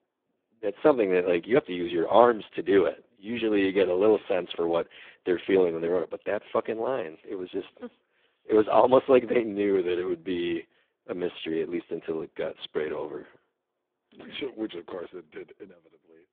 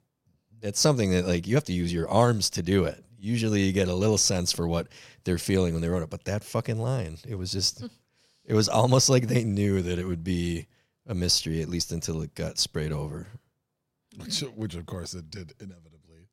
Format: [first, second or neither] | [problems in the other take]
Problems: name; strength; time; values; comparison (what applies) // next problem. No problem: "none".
second | phone-call audio; poor line